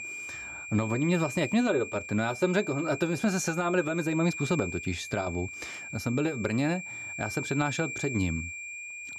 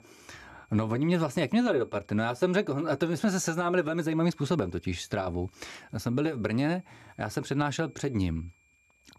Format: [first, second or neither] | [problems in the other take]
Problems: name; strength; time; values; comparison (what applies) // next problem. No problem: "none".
second | high-pitched whine; loud; throughout; 2.5 kHz, 8 dB below the speech; faint in the second